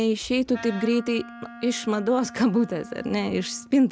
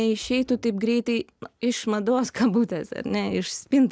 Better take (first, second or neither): second